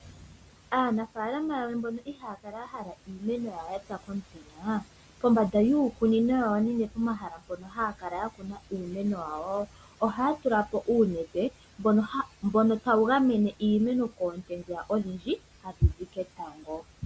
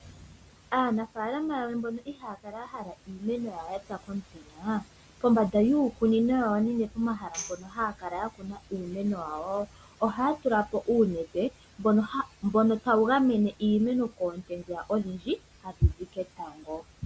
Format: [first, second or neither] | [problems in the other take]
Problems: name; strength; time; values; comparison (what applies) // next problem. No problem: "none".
first | background sound (Tambourine); 16 dB below the speech